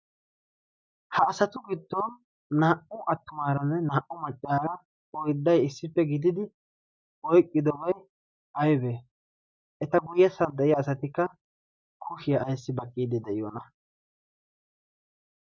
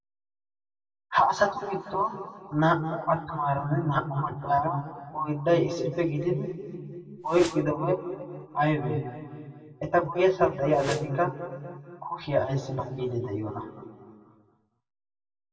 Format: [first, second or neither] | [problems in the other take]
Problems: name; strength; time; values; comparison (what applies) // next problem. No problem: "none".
first | background sound (Whoosh, swoosh, swish); 11 dB below the speech // room echo; dies away in 2 s